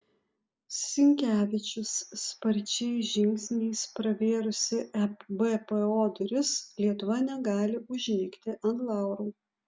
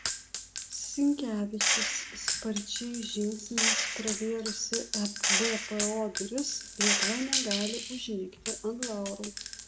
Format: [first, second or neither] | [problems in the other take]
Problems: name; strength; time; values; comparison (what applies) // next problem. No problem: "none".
first | background sound (Gunshot, gunfire); 1 dB above the speech // room echo; dies away in 1.5 s